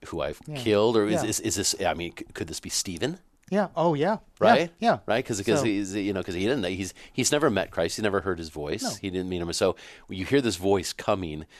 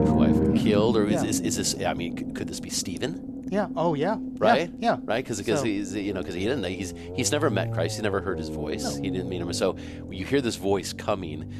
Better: first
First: none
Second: low rumble; loud; throughout; 8 dB below the speech

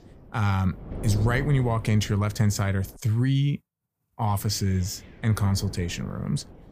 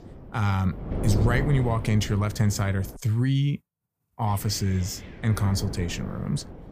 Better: first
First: wind noise on the microphone; occasional gusts; until 3 s and from 4.5 s on; 15 dB below the speech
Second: wind noise on the microphone; heavy; until 3 s and from 4.5 s on; 9 dB below the speech

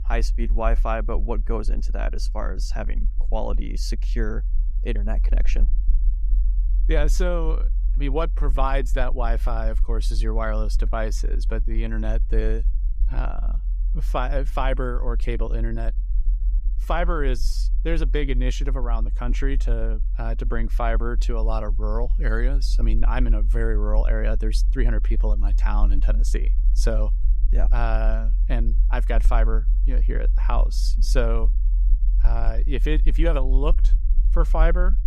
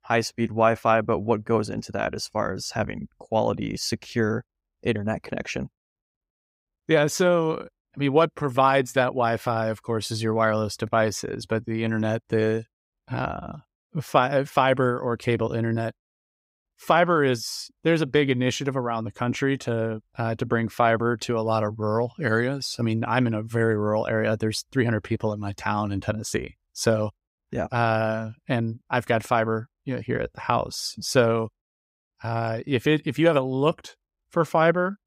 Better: second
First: low rumble; noticeable; throughout; 20 dB below the speech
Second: none

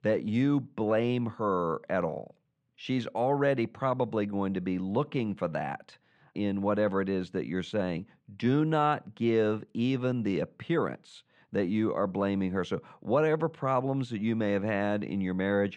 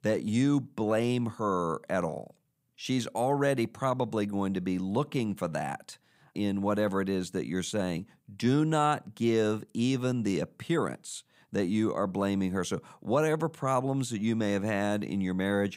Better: second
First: muffled; slightly; fading above 2.5 kHz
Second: none

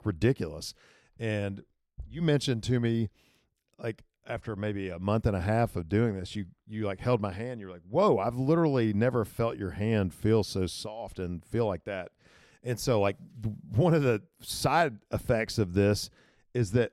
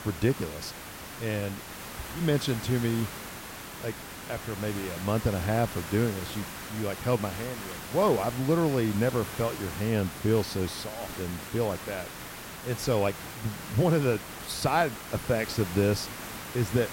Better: first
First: none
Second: hiss; loud; throughout; 9 dB below the speech

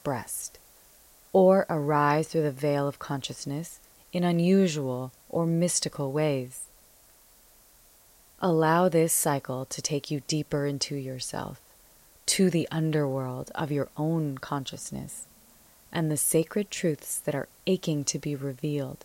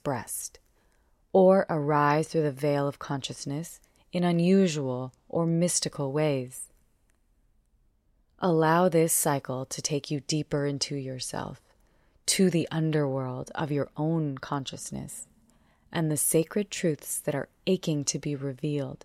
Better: second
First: hiss; faint; throughout; 25 dB below the speech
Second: none

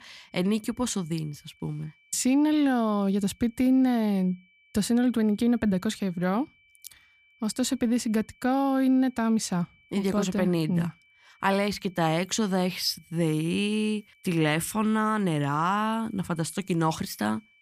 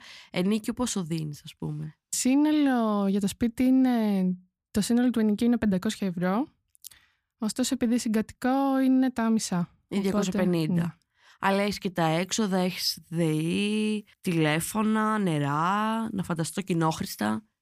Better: second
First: high-pitched whine; faint; throughout; 2.5 kHz, 35 dB below the speech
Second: none

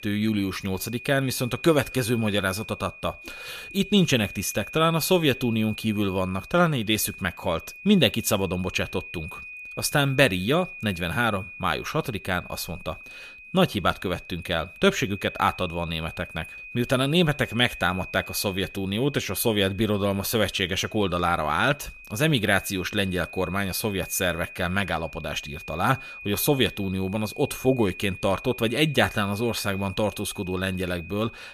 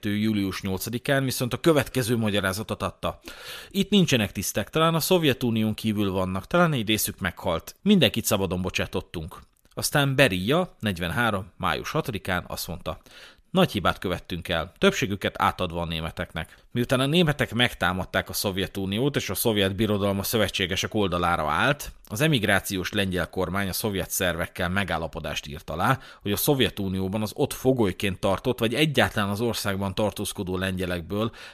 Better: second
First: high-pitched whine; noticeable; throughout; 2.5 kHz, 15 dB below the speech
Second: none

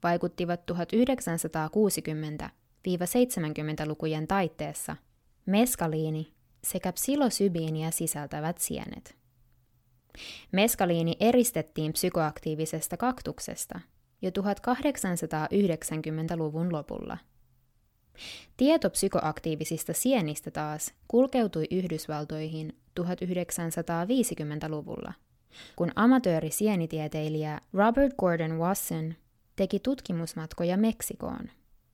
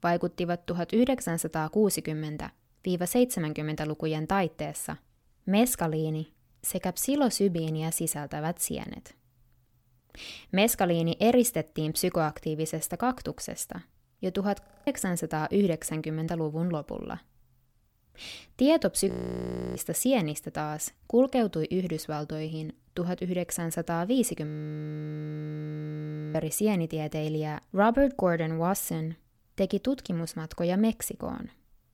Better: first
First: none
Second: audio freezing; at 15 s, at 19 s for 0.5 s and at 24 s for 2 s

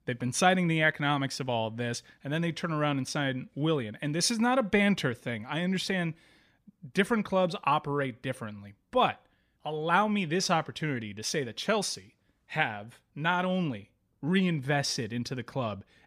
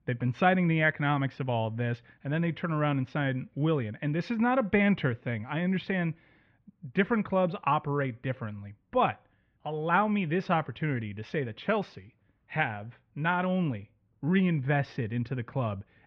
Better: first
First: none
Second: muffled; very; fading above 2.5 kHz

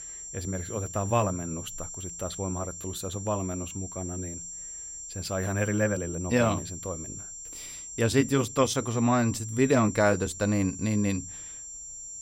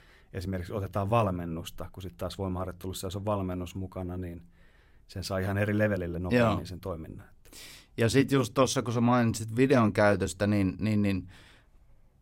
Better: second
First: high-pitched whine; loud; throughout; 7.5 kHz, 10 dB below the speech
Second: none

